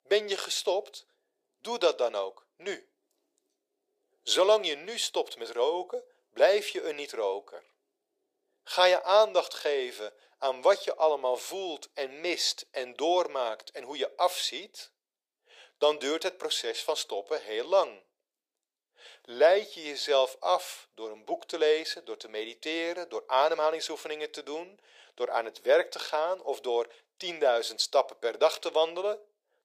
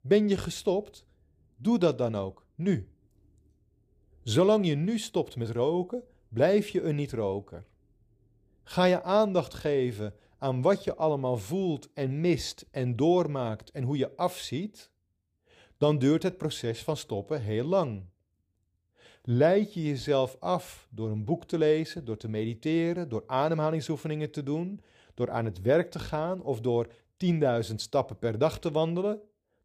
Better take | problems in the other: second | thin; very; fading below 500 Hz

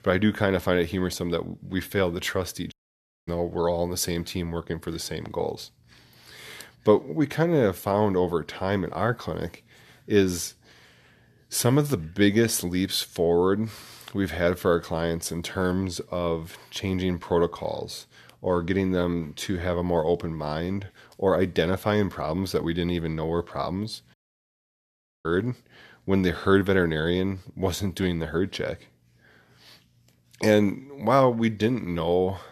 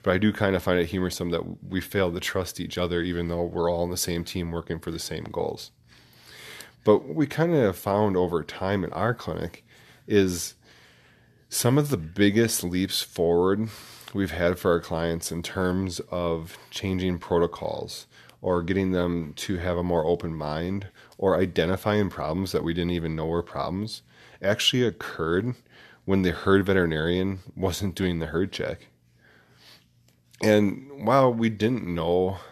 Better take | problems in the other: second | audio cutting out; at 2.5 s for 0.5 s and at 24 s for 1 s

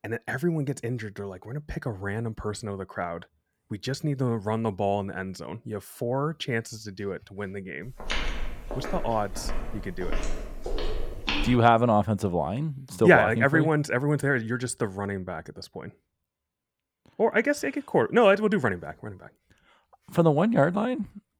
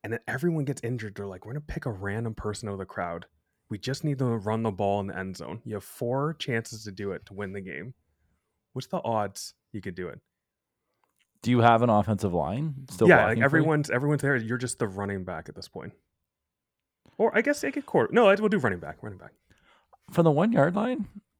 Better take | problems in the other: second | footsteps; noticeable; from 8 to 12 s; peak 3 dB below the speech

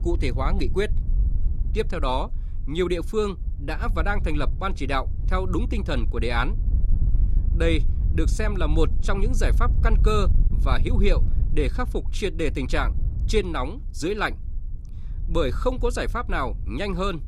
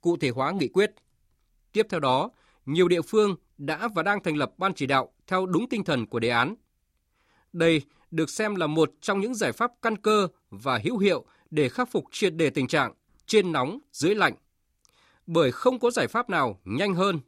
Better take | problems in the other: second | wind noise on the microphone; occasional gusts; 20 dB below the speech

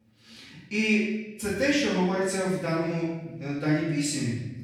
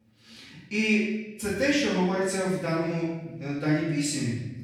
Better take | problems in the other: neither | off-mic speech; far; the same in both // room echo; strong; dies away in 1 s; the same in both

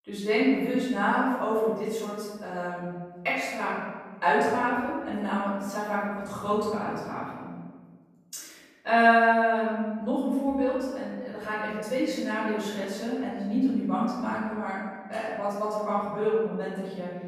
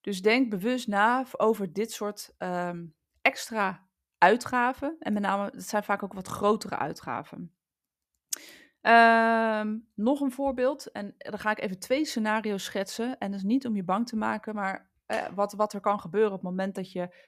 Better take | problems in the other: second | off-mic speech; far // room echo; strong; dies away in 1.4 s

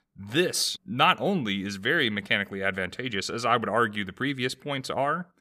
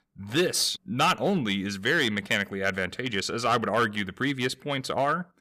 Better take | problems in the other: first | distortion; slight; 3% of the sound clipped

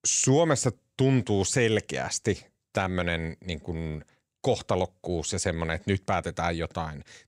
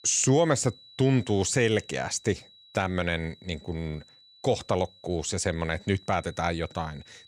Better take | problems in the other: first | high-pitched whine; faint; throughout; 4 kHz, 25 dB below the speech

